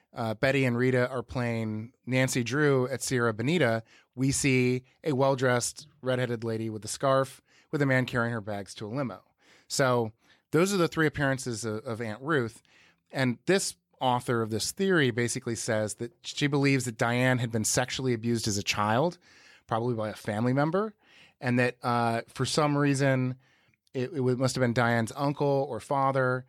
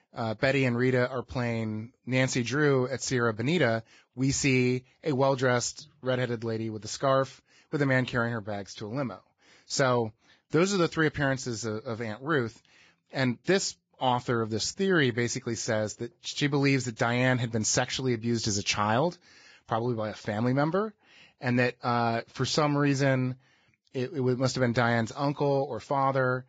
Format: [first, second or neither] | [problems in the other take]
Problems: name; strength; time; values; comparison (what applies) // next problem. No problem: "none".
first | garbled, watery; badly; nothing above 7.5 kHz